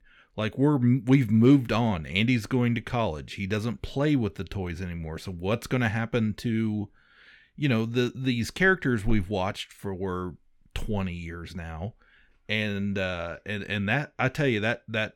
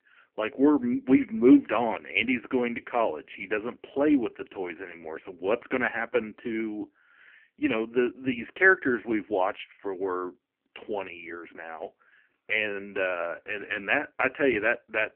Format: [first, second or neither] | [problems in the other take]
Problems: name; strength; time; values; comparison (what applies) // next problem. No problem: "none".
first | phone-call audio; poor line; nothing above 3 kHz